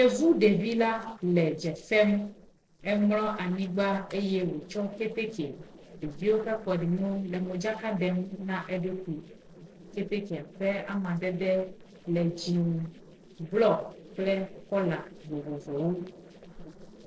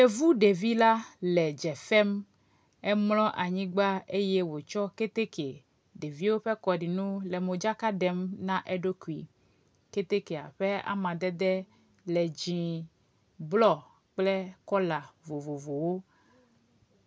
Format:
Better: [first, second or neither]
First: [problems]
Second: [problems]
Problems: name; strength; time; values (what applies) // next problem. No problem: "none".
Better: second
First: noise reduction (neural separator model SepFormer DNS4)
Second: none